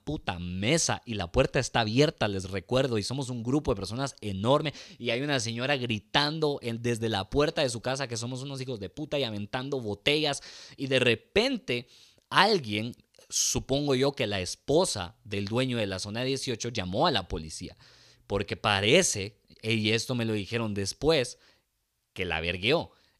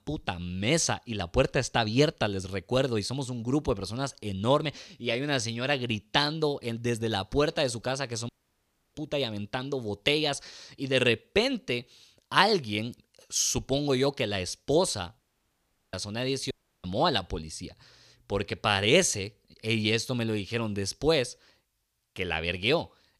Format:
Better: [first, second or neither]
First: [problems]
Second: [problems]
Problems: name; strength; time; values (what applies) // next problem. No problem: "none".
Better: first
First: none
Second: audio cutting out; at 8.5 s for 0.5 s, at 15 s for 0.5 s and at 17 s